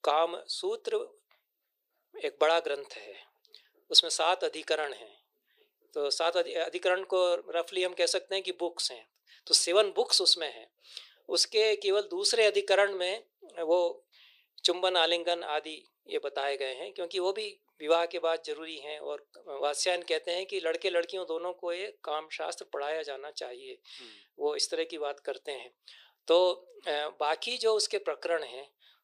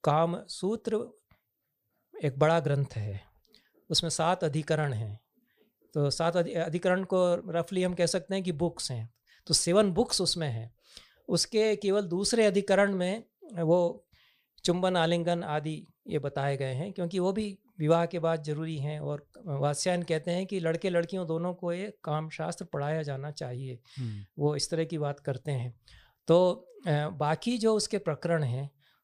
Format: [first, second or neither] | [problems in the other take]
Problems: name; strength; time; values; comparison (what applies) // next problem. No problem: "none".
second | thin; very; fading below 350 Hz